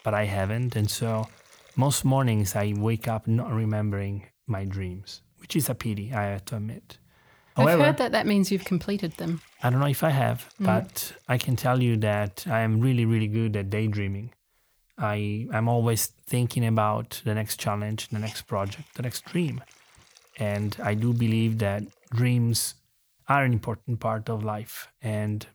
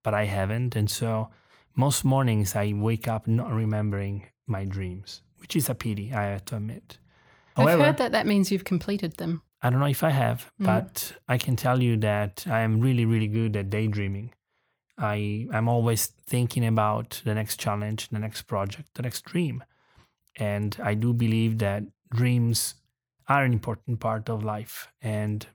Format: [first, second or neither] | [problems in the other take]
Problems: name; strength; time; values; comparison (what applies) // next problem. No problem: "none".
second | hiss; faint; throughout; 25 dB below the speech